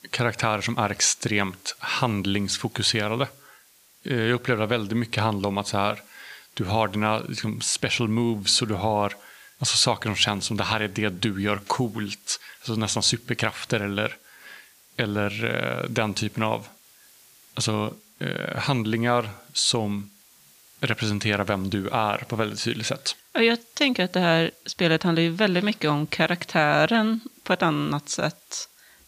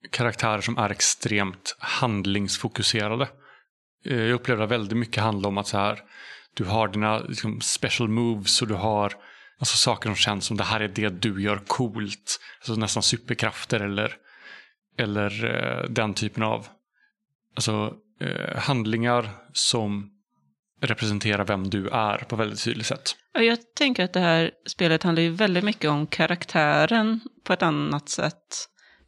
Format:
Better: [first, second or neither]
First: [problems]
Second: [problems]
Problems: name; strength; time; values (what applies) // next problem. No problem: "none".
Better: second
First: hiss; faint; throughout; 25 dB below the speech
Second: none